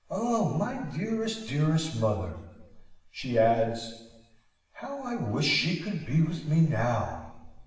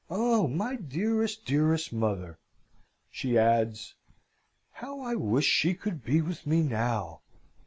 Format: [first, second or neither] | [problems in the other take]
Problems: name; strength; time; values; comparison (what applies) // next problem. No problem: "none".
second | room echo; dies away in 1 s